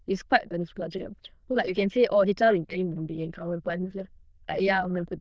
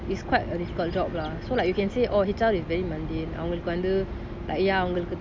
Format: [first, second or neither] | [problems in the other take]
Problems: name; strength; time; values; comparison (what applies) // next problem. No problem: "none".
second | noise reduction (neural diffusion model UNIVERSE++)